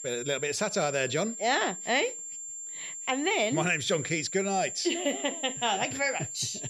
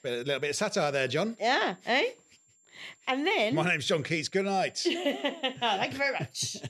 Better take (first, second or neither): second